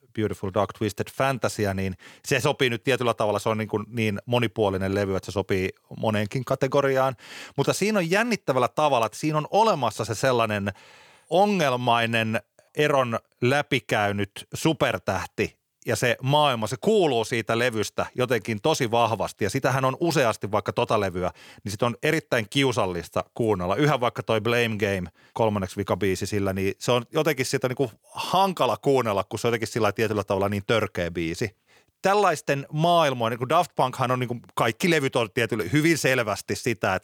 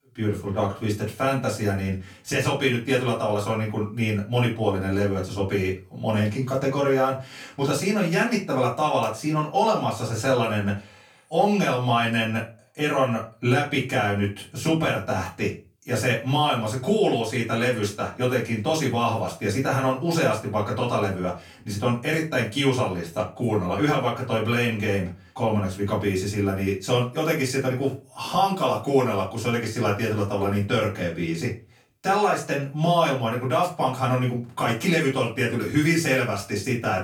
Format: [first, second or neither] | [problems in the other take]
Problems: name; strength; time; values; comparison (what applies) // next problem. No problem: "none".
first | off-mic speech; far // room echo; slight; dies away in 0.3 s